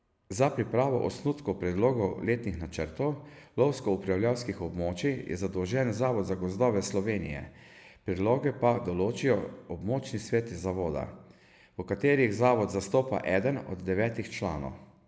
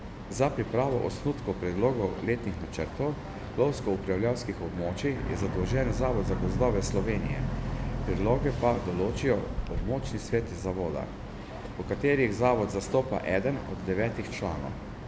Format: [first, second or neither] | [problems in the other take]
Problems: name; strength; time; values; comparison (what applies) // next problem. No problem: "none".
first | background sound (Boat, Water vehicle); 5 dB below the speech